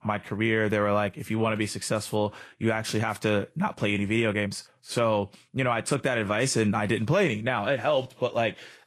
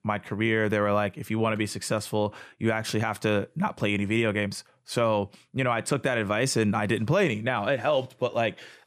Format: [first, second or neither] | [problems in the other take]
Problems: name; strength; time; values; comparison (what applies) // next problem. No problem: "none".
second | garbled, watery; slightly; nothing above 12.5 kHz